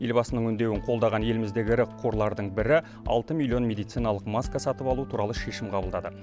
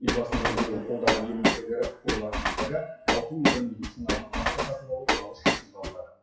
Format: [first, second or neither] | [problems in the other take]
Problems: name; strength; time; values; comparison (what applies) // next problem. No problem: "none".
first | noise reduction (classical method WPE with log-MMSE)